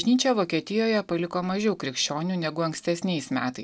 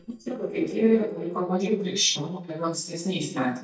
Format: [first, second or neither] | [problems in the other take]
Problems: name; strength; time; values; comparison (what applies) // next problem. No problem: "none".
first | noise reduction (neural mask model DeepFilterNet 3)